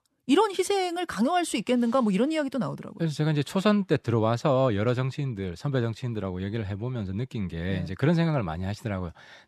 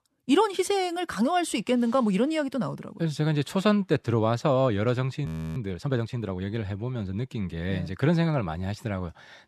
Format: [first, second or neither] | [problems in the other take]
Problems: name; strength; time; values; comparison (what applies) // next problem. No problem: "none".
first | audio freezing; at 5.5 s